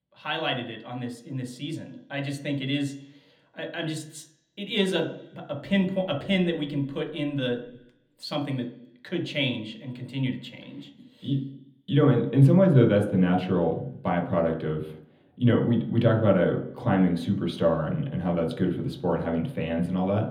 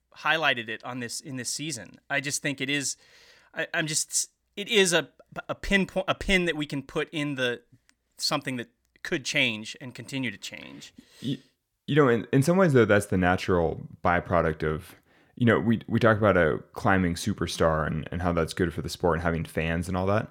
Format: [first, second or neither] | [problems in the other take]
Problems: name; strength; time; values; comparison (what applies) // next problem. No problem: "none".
second | room echo; slight; dies away in 0.7 s // off-mic speech; somewhat distant